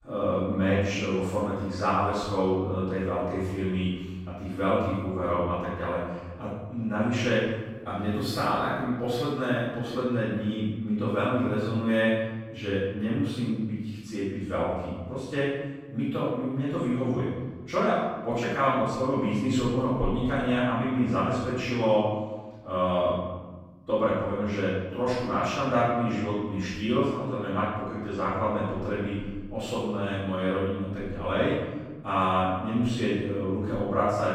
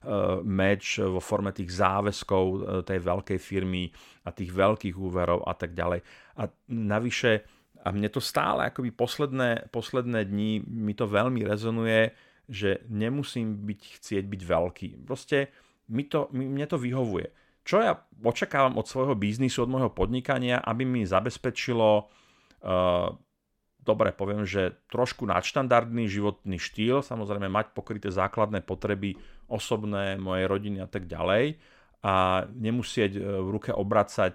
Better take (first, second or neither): second